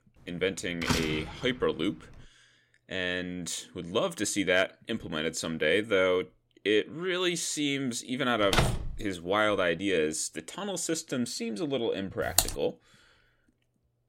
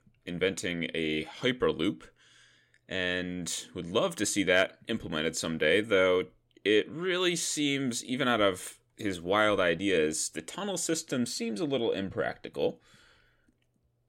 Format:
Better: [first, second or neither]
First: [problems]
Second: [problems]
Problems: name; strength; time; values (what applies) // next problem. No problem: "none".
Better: second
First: door banging; noticeable; at 1 s; peak level with the speech // door banging; loud; at 8.5 s; peak 2 dB above the speech // keyboard typing; loud; at 12 s; peak 3 dB above the speech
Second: none